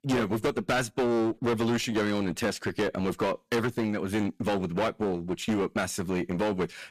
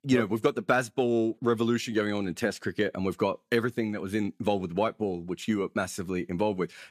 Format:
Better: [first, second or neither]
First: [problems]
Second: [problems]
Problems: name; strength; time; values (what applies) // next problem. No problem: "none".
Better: second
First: distortion; heavy; 20% of the sound clipped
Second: none